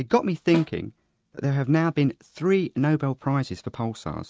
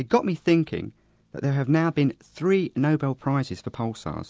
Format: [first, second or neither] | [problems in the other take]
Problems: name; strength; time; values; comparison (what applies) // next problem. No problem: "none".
second | noise reduction (neural mask model RNNoise)